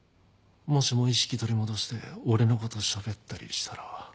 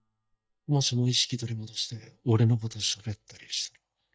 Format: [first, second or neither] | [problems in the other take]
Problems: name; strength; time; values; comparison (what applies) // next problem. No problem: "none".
first | noise reduction (neural mask model DeepFilterNet 3)